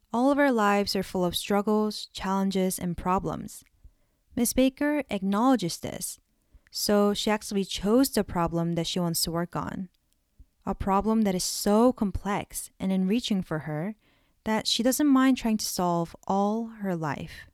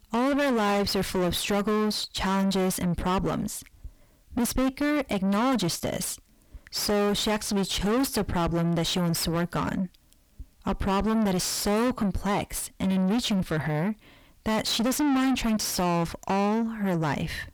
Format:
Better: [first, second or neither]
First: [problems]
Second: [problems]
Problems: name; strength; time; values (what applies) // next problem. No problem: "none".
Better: first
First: none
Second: distortion; heavy; 5 dB below the speech